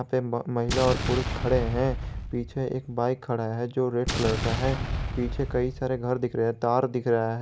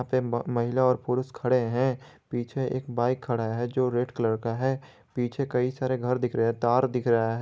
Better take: second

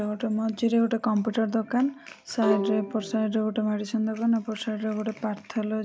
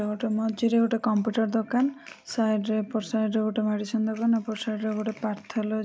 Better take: second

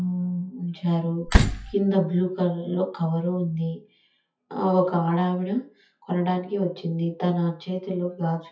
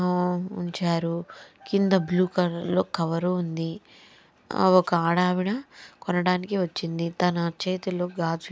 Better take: second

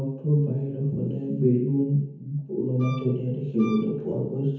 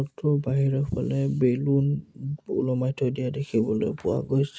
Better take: second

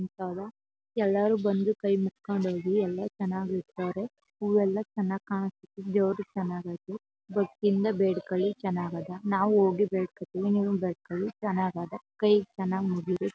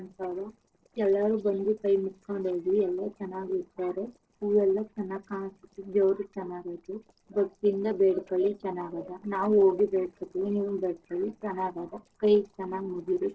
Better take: first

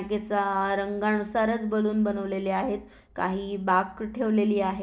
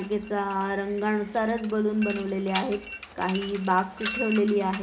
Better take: first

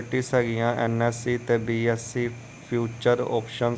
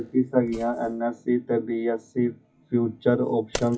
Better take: first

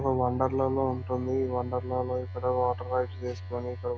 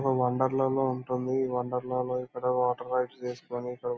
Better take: second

